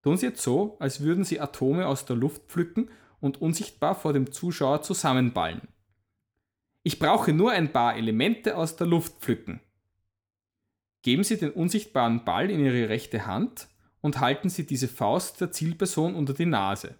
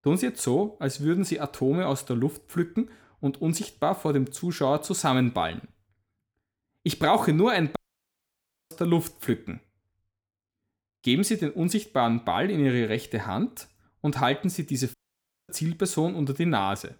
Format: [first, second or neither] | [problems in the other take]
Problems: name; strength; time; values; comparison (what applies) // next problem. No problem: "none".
first | audio cutting out; at 8 s for 1 s and at 15 s for 0.5 s